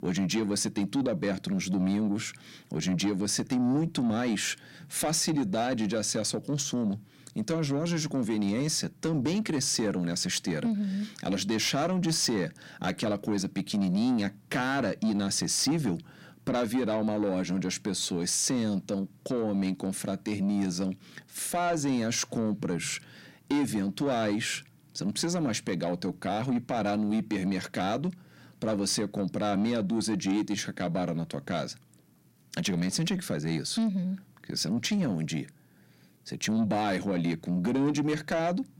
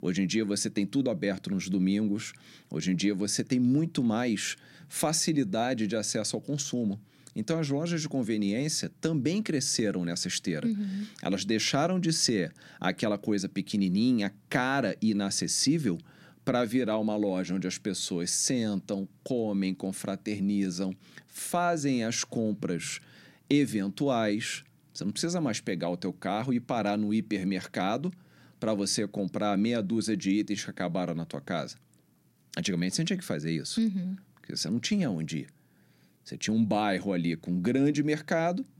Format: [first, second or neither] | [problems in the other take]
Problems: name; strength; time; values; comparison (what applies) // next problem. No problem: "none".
second | distortion; slight; 10 dB below the speech